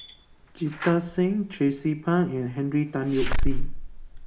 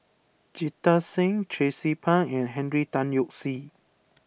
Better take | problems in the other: second | background sound (Slam / Alarm); 1 dB below the speech // room echo; dies away in 0.4 s

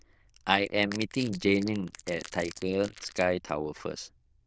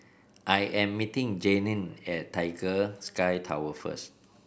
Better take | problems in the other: second | noise reduction (neural diffusion model UNIVERSE++)

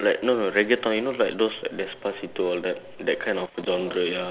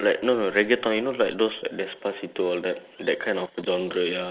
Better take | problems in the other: first | noise reduction (neural mask model Resemble Enhance denoiser)

